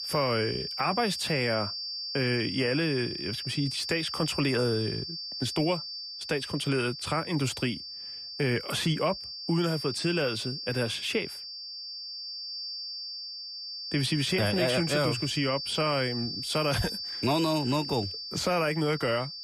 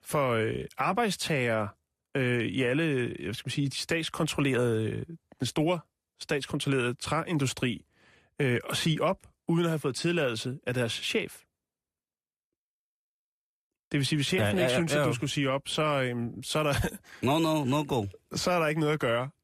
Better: second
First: high-pitched whine; loud; throughout; 4.5 kHz, 5 dB below the speech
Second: none

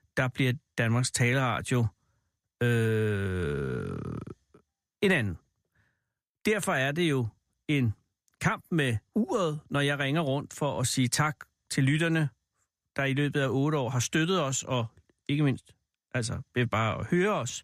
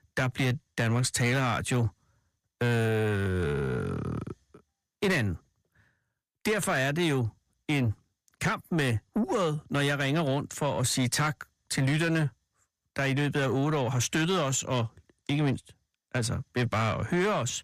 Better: first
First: none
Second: distortion; slight; 10 dB below the speech

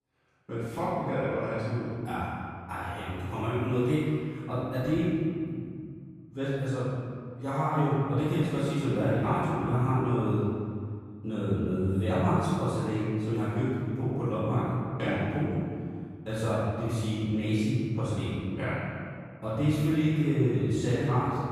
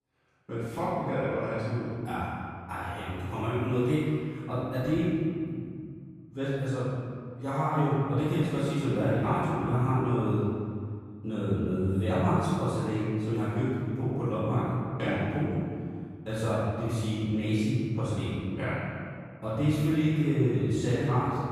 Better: neither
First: room echo; strong; dies away in 1.8 s // off-mic speech; far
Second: room echo; strong; dies away in 1.8 s // off-mic speech; far

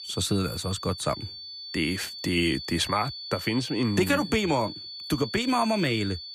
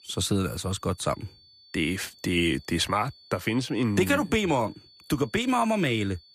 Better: second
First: high-pitched whine; loud; throughout; 4.5 kHz, 9 dB below the speech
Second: high-pitched whine; faint; throughout; 4.5 kHz, 25 dB below the speech

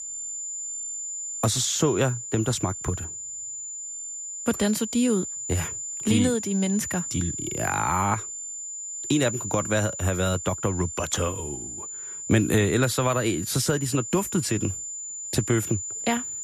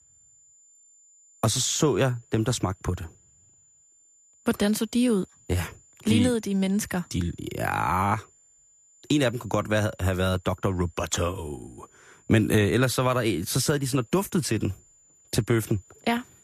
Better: second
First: high-pitched whine; loud; throughout; 7 kHz, 6 dB below the speech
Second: high-pitched whine; faint; throughout; 7 kHz, 30 dB below the speech

